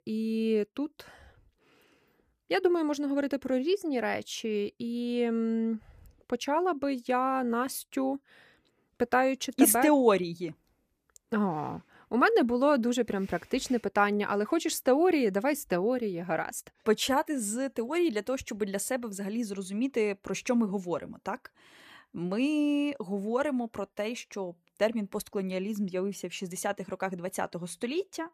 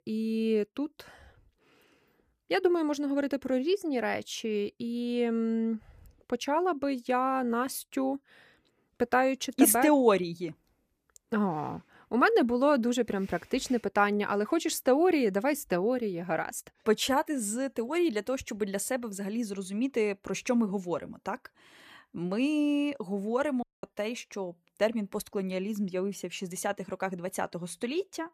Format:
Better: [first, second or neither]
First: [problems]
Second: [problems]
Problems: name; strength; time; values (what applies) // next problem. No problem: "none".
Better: first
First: none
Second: audio cutting out; at 24 s